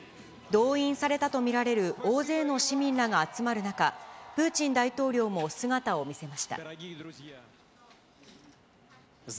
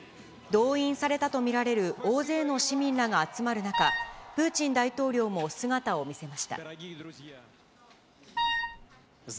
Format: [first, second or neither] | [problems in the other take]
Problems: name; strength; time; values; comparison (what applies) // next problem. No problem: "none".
first | background sound (Wind instrument, woodwind instrument); 2 dB below the speech